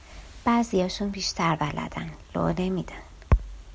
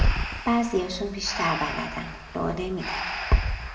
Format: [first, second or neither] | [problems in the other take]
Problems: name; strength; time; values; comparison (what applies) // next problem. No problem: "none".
first | background sound (Breathing); 9 dB below the speech // room echo; dies away in 0.7 s